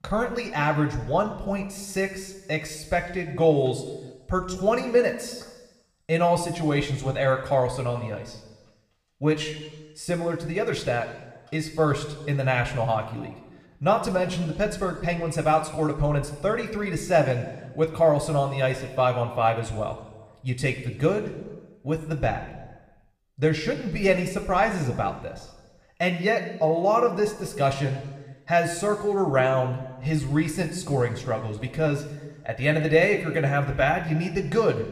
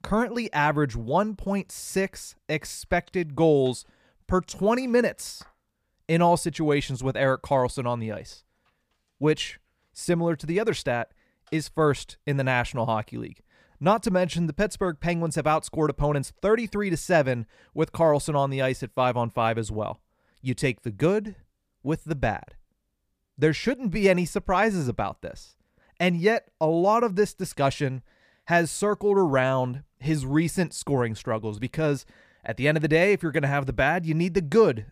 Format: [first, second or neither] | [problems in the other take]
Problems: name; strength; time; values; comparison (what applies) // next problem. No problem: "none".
second | room echo; slight; dies away in 1.1 s